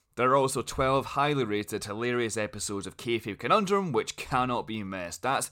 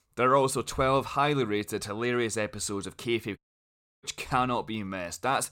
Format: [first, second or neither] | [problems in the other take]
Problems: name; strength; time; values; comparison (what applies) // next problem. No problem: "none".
first | audio cutting out; at 3.5 s for 0.5 s